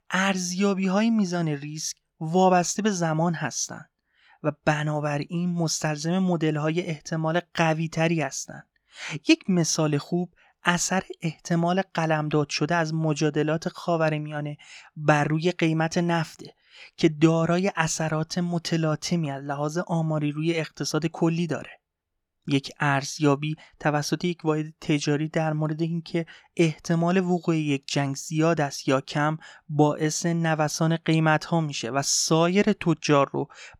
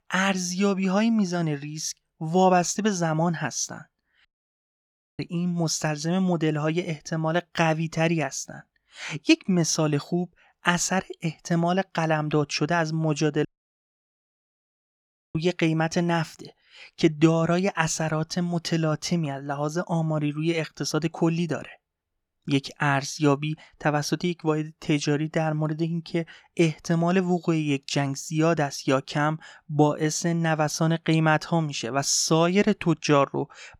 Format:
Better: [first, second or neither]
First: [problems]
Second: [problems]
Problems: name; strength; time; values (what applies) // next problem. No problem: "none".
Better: first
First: none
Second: audio cutting out; at 4.5 s for 1 s and at 13 s for 2 s